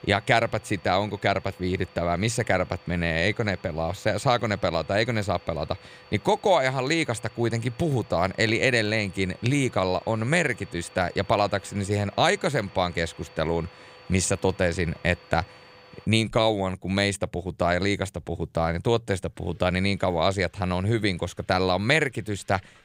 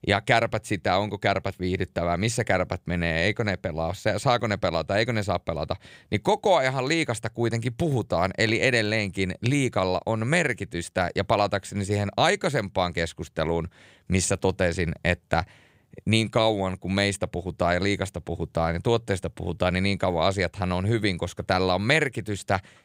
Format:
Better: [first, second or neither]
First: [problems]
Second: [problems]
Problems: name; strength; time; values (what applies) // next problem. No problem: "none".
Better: second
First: household noises; faint; throughout; 25 dB below the speech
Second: none